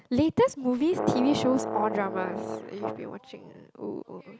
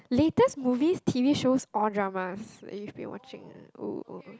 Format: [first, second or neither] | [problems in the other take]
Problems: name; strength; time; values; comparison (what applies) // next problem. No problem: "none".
second | background sound (Brass instrument); 5 dB below the speech